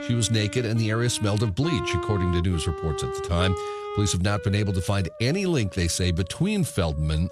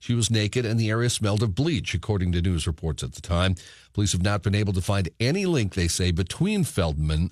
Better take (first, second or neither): second